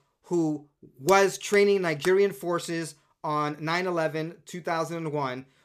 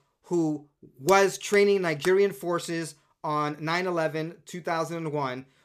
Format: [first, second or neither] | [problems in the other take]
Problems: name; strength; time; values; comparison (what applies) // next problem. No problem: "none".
neither | none